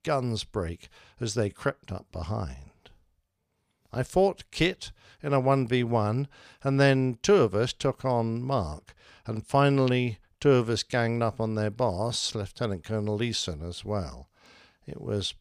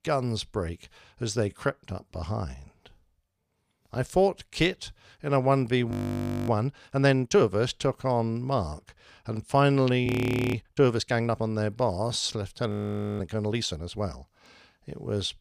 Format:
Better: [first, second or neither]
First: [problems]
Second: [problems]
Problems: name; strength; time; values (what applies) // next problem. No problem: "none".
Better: first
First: none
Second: audio freezing; at 6 s for 0.5 s, at 10 s and at 13 s